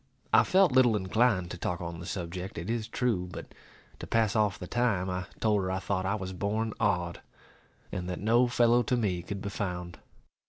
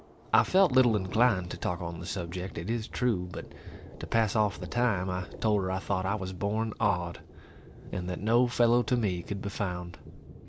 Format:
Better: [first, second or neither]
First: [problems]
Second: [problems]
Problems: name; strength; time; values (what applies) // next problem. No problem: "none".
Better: first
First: none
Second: background sound (Thunder); 15 dB below the speech